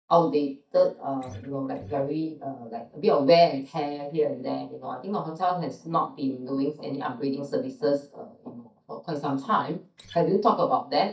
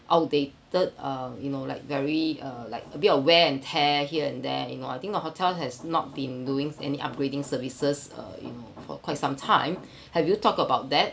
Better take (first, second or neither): second